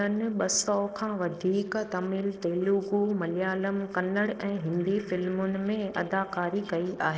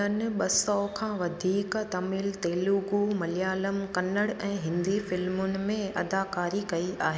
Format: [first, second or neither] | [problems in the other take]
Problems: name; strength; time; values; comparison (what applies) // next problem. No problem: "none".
second | noise reduction (neural separator model SepFormer DNS4)